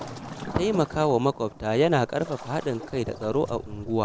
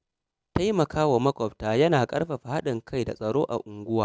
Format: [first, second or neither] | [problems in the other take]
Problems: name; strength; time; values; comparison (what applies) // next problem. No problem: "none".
second | background sound (Waves, surf); 13 dB below the speech